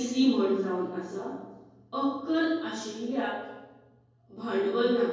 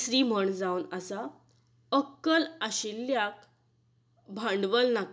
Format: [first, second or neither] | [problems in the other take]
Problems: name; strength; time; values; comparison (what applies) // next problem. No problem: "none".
second | room echo; dies away in 1.3 s